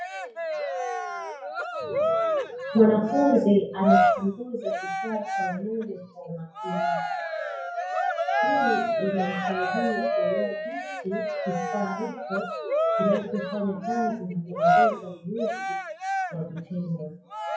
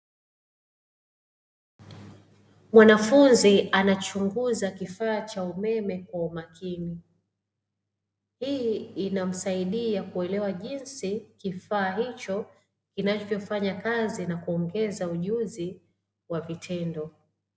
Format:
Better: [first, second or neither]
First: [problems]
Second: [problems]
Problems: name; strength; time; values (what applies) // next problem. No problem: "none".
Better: second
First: noise reduction (classical method WPE with log-MMSE)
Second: none